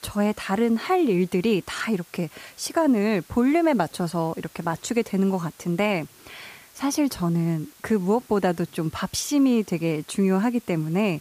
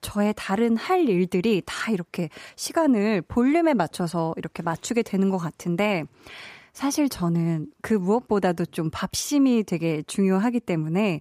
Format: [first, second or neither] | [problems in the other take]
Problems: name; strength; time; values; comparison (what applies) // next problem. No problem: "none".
second | hiss; faint; throughout; 25 dB below the speech